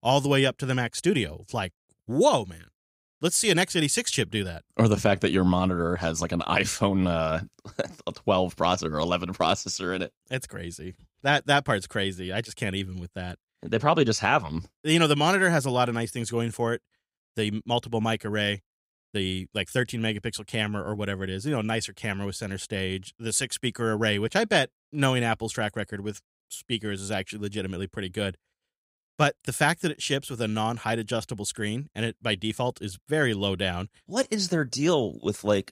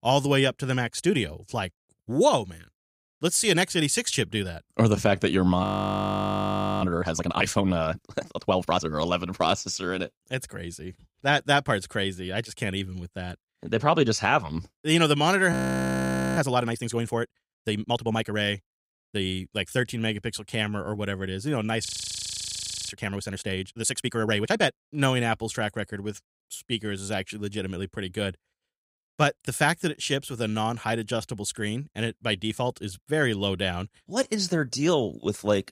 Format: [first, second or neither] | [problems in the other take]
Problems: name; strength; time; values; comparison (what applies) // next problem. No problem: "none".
first | audio freezing; at 5.5 s for 1 s, at 16 s for 1 s and at 22 s for 1 s